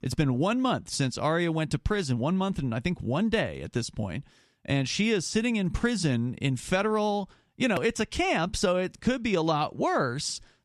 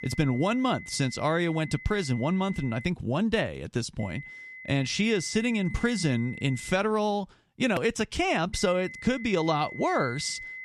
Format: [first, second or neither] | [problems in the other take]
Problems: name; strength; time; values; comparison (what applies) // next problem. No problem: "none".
first | high-pitched whine; noticeable; until 3 s, from 4 to 7 s and from 8.5 s on; 2 kHz, 15 dB below the speech